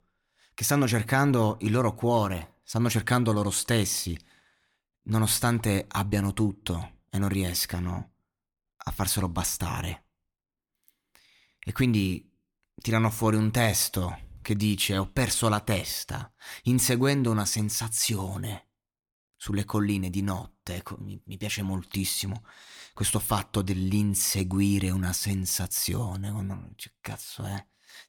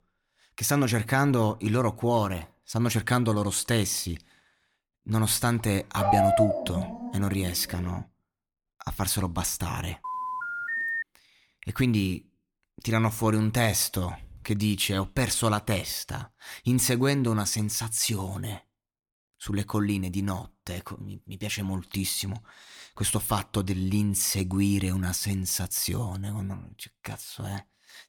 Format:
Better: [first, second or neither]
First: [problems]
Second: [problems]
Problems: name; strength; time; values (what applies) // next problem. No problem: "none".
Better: first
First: none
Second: dog barking; loud; from 6 to 7.5 s; peak 6 dB above the speech // phone ringing; noticeable; at 10 s; peak 1 dB below the speech